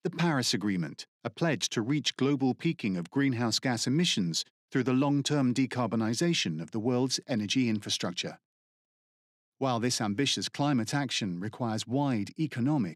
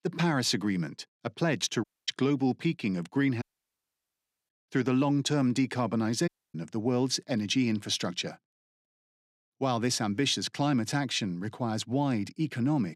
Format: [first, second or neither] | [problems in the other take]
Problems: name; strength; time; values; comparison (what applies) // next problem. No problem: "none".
first | audio cutting out; at 2 s, at 3.5 s for 1 s and at 6.5 s